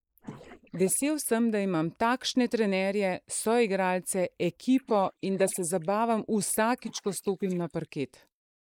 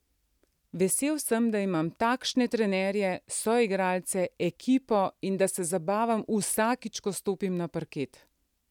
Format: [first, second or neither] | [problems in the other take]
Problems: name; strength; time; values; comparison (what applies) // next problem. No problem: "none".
second | noise reduction (neural mask model Resemble Enhance denoiser)